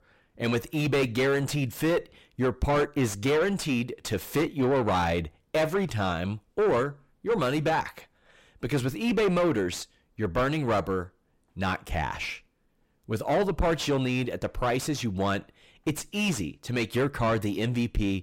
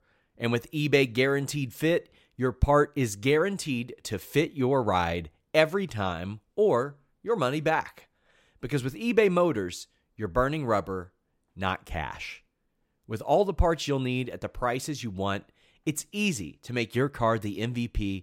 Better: second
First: distortion; heavy; 6 dB below the speech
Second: none

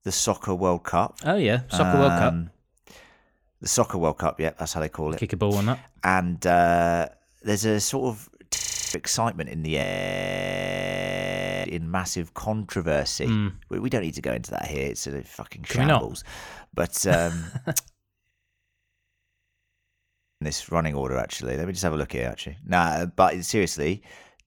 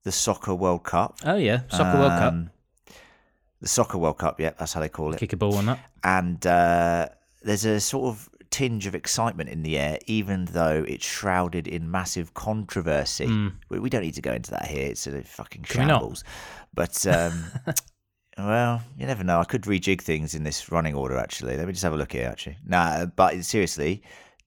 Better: second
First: audio freezing; at 8.5 s, at 10 s for 2 s and at 18 s for 2 s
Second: none

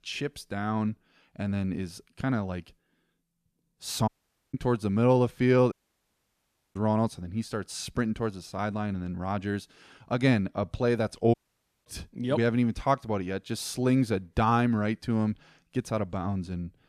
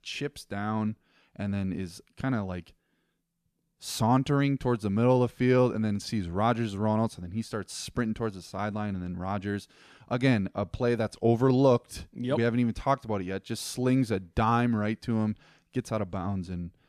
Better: second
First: audio cutting out; at 4 s, at 5.5 s for 1 s and at 11 s for 0.5 s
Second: none

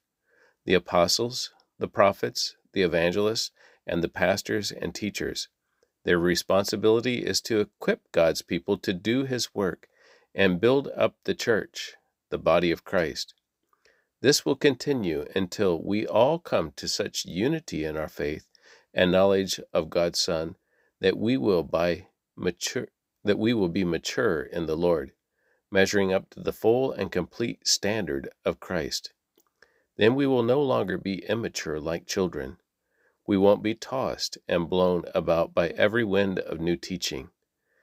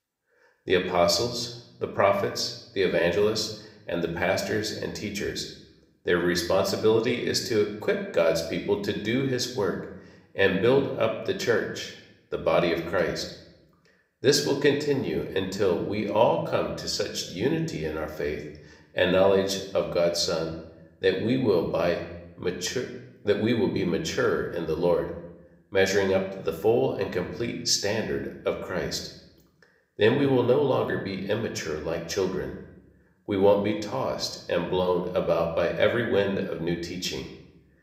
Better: first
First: none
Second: room echo; slight; dies away in 0.7 s

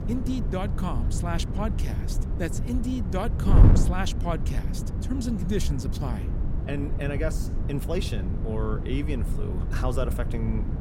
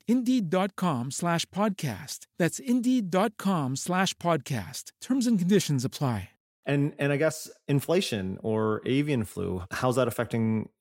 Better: second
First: wind noise on the microphone; heavy; 5 dB below the speech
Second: none

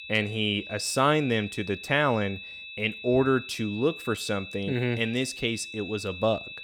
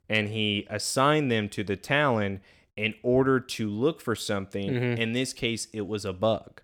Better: second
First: high-pitched whine; noticeable; throughout; 2.5 kHz, 10 dB below the speech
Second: none

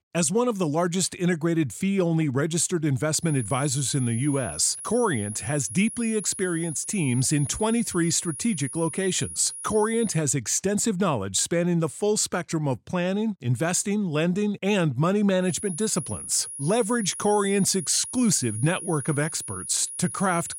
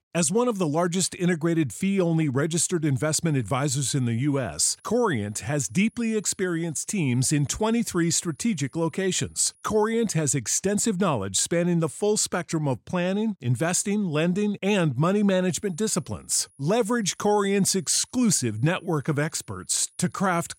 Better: second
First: high-pitched whine; loud; from 3.5 to 10 s and from 15 s on; 10.5 kHz, 9 dB below the speech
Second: high-pitched whine; faint; from 3.5 to 10 s and from 15 s on; 10.5 kHz, 35 dB below the speech

